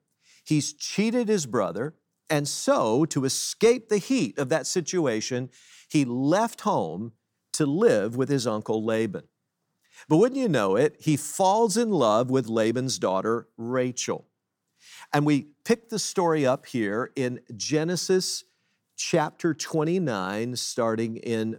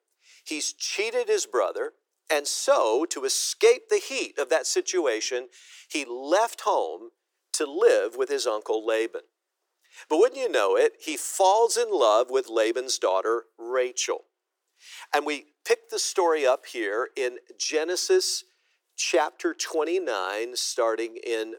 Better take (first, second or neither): first